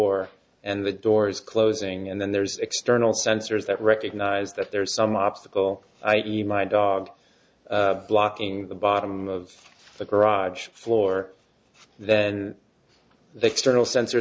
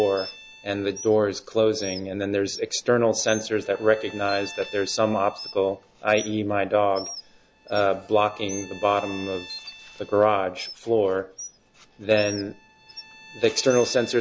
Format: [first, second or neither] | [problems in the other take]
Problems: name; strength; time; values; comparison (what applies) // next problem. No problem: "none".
first | background sound (Bowed string instrument + Bird); 17 dB below the speech